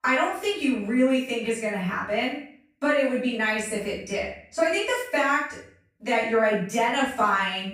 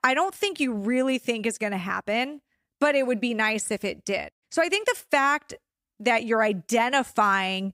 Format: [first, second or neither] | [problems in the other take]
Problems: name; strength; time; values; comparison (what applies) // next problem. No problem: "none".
second | off-mic speech; far // room echo; noticeable; dies away in 0.5 s